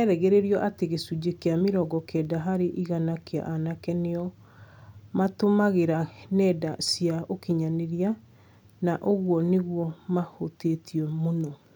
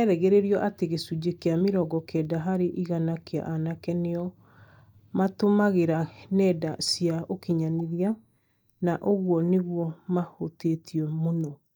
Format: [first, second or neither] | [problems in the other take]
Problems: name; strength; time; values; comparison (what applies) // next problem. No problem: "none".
first | noise reduction (neural mask model DeepFilterNet 3)